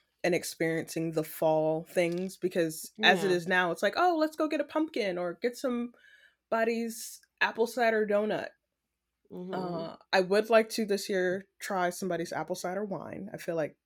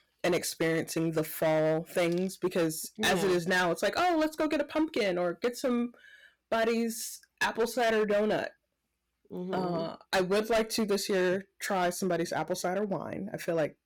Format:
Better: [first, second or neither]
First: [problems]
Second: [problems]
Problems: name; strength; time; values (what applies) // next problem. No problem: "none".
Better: first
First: none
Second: distortion; heavy; 12% of the sound clipped